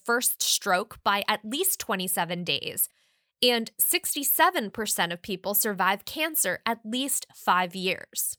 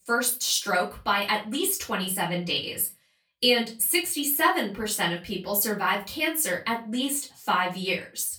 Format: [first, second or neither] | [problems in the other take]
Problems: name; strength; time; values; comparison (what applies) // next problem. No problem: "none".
first | off-mic speech; far // room echo; very slight; dies away in 0.2 s